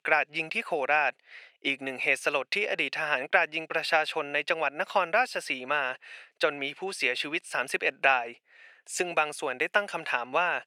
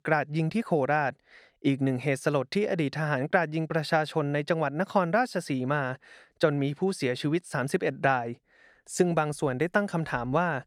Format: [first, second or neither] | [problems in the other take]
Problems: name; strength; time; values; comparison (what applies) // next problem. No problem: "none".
second | thin; very; fading below 600 Hz